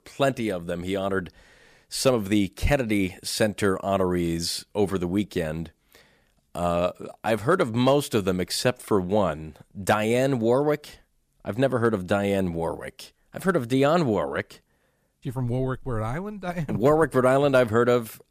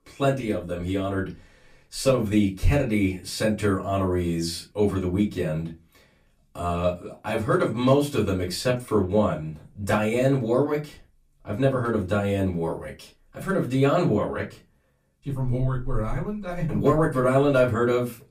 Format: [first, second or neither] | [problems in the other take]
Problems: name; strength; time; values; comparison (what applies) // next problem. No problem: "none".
first | off-mic speech; far // room echo; very slight; dies away in 0.2 s